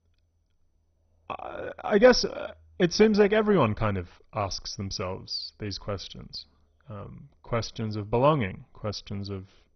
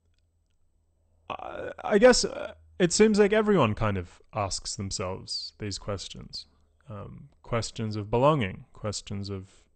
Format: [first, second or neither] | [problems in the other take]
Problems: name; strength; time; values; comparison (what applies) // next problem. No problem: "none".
second | garbled, watery; badly; nothing above 6 kHz; slightly in the second